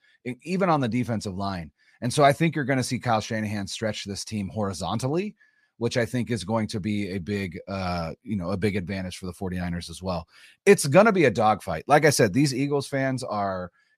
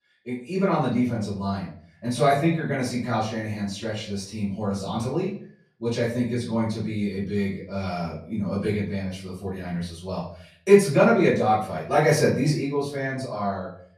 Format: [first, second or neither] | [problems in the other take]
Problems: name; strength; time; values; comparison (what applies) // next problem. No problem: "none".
first | room echo; slight; dies away in 0.4 s // off-mic speech; far